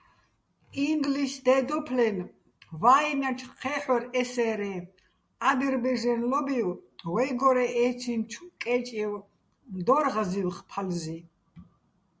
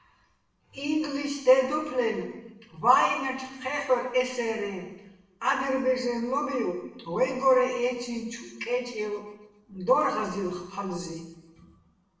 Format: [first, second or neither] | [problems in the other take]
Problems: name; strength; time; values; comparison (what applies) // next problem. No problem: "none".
first | room echo; dies away in 0.9 s